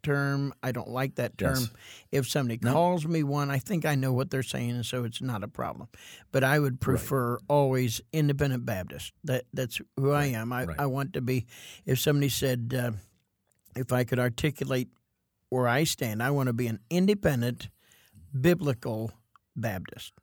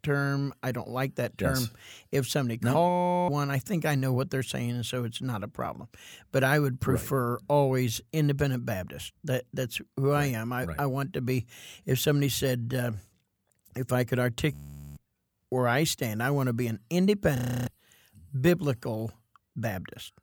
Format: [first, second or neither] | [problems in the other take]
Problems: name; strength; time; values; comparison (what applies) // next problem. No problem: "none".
first | audio freezing; at 3 s, at 15 s and at 17 s